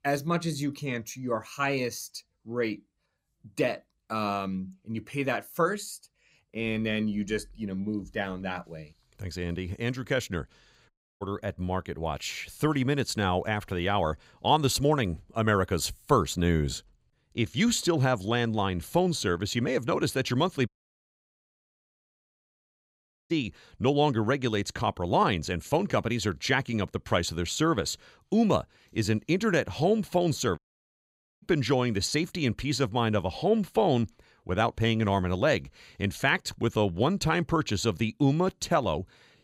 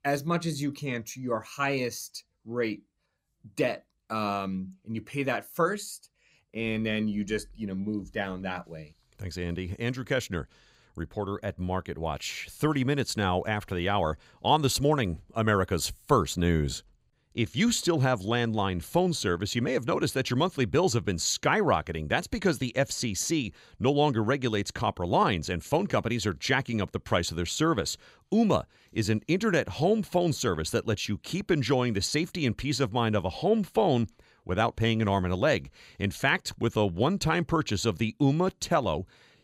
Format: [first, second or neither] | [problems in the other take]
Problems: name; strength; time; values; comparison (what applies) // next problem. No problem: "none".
second | audio cutting out; at 11 s, at 21 s for 2.5 s and at 31 s for 1 s